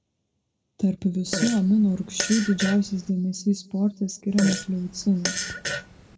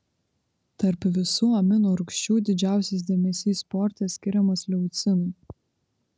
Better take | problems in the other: second | background sound (Fart); 7 dB below the speech // room echo; dies away in 0.9 s

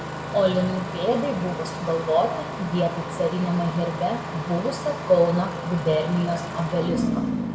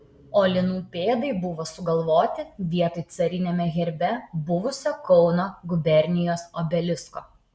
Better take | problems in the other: second | background sound (Engine starting); 6 dB below the speech // room echo; dies away in 1.2 s

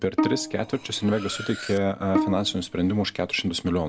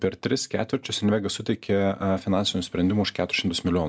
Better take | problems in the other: second | background sound (Bowed string instrument + Cutlery, silverware); 6 dB below the speech

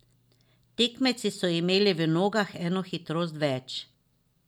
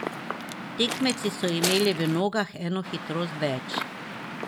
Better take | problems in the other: first | background sound (Waves, surf / Wind); 6 dB below the speech

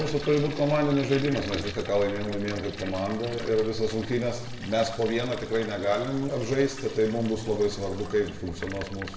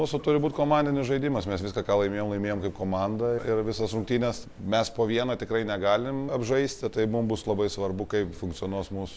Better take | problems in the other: second | background sound (Toilet flush); 14 dB below the speech // room echo; dies away in 1 s

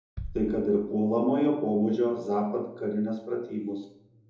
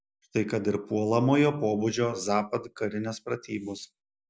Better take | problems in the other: second | background sound (Bass drum); 18 dB below the speech // room echo; dies away in 2.7 s

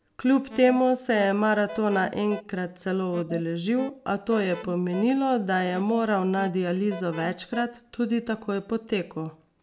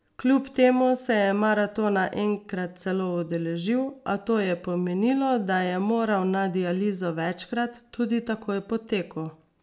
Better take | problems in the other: second | background sound (Alarm); 15 dB below the speech

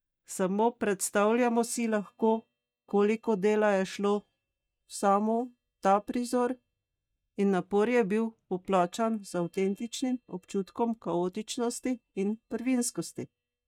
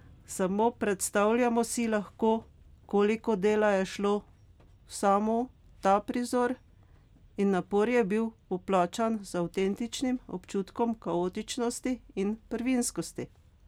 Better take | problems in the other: second | noise reduction (neural mask model DeepFilterNet 3)

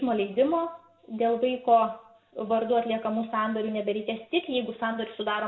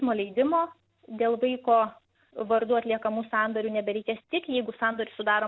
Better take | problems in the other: second | room echo; dies away in 0.5 s

